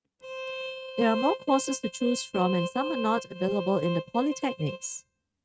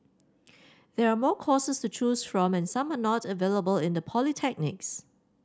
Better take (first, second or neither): second